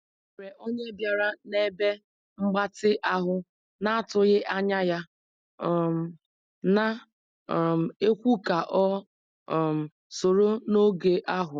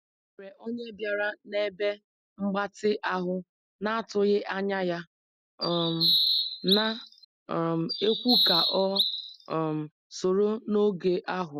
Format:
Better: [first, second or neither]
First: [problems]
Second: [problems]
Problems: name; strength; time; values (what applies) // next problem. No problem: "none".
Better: first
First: none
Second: background sound (Bird vocalization, bird call, bird song); 2 dB above the speech